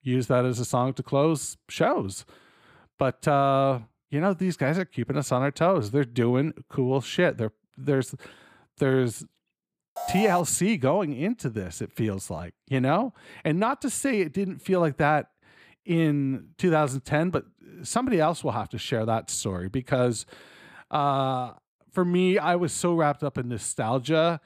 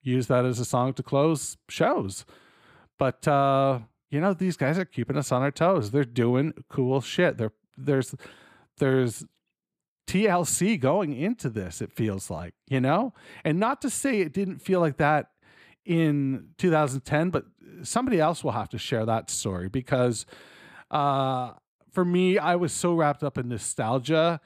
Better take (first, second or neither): second